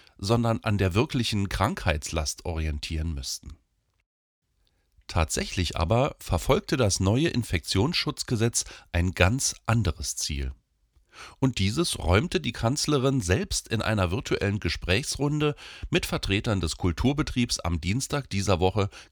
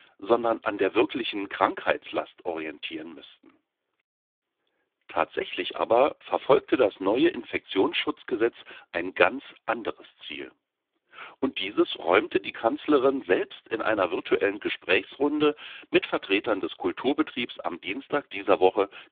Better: first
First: none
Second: phone-call audio; poor line; nothing above 3.5 kHz

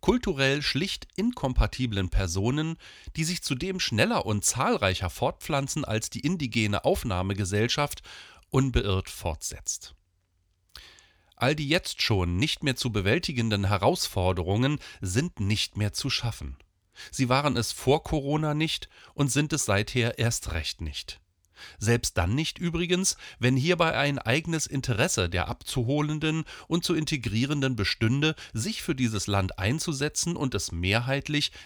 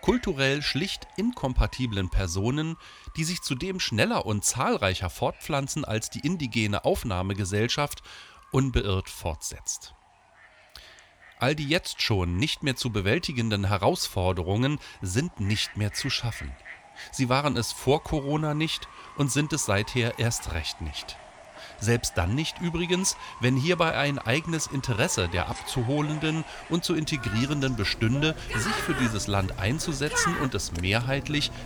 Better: first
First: none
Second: animal sounds; noticeable; throughout; 10 dB below the speech

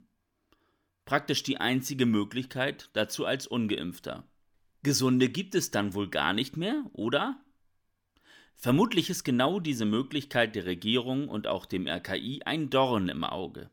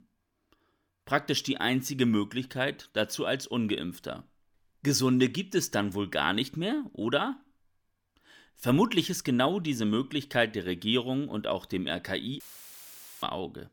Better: first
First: none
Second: audio cutting out; filled with static; at 12 s for 1 s

